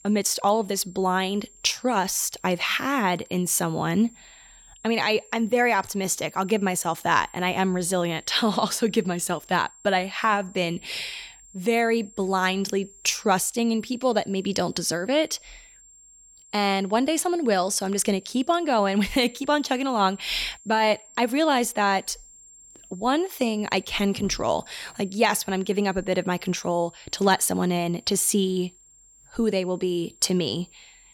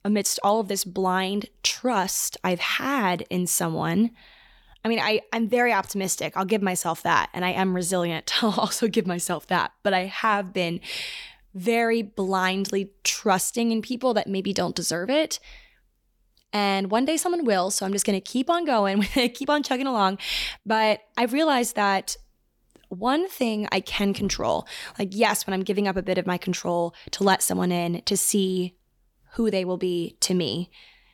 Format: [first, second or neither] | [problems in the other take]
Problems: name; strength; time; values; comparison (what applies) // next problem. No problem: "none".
second | high-pitched whine; faint; throughout; 7.5 kHz, 25 dB below the speech